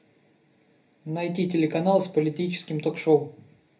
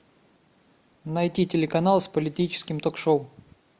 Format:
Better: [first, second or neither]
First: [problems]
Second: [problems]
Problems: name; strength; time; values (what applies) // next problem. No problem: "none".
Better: second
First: room echo; dies away in 0.3 s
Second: none